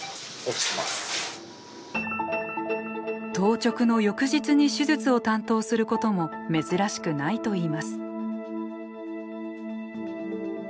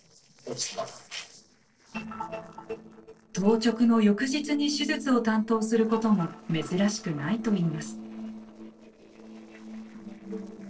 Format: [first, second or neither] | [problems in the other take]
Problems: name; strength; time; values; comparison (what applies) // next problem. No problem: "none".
first | noise reduction (neural separator model SepFormer DNS4)